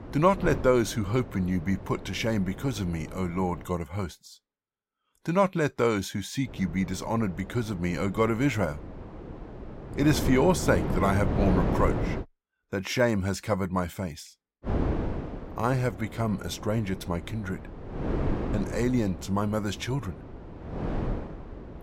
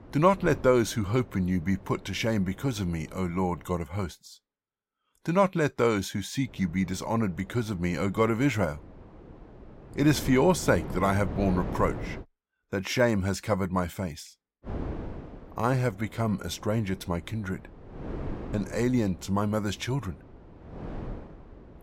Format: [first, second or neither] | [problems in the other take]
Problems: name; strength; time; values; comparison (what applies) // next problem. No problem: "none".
second | wind noise on the microphone; heavy; until 3.5 s, from 6.5 to 12 s and from 15 s on; 10 dB below the speech; occasional gusts in the second